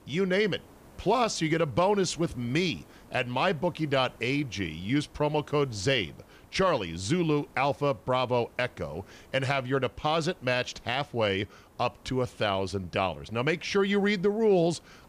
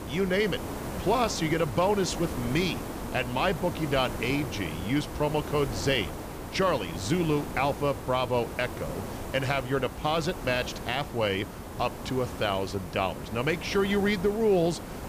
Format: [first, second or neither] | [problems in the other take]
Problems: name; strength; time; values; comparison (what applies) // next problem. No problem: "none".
first | hiss; loud; throughout; 9 dB below the speech; faint in the first